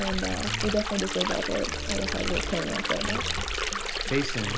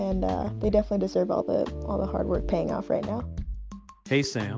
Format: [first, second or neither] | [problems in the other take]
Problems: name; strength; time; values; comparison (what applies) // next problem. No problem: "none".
second | background sound (Stream); as loud as the speech // room echo; dies away in 1.3 s